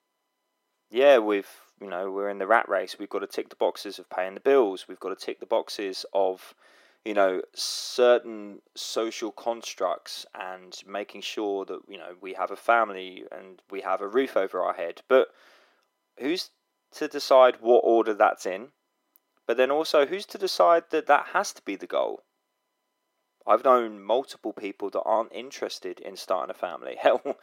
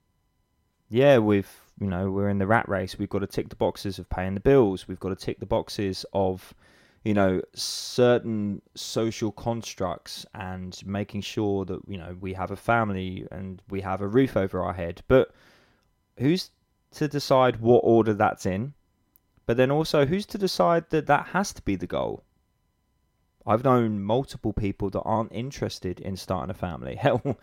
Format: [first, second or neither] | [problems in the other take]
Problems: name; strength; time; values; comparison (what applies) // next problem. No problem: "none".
second | thin; very; fading below 350 Hz